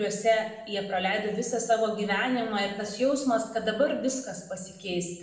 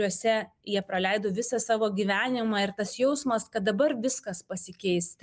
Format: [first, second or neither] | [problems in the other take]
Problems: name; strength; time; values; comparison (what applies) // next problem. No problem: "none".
second | room echo; dies away in 0.8 s